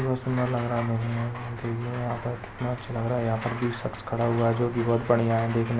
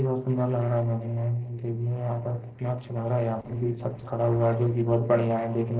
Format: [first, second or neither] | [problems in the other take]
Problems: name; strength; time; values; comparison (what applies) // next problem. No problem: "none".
first | noise reduction (neural separator model SepFormer DNS4)